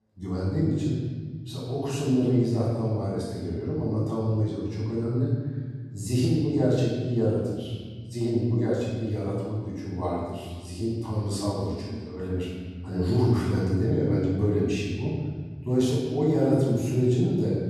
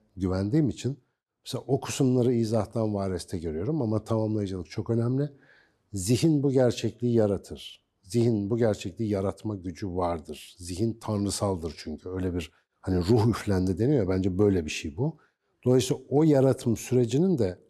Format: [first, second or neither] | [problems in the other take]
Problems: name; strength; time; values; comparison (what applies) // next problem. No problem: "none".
second | off-mic speech; far // room echo; strong; dies away in 1.8 s